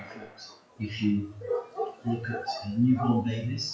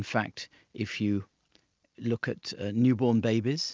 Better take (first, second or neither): second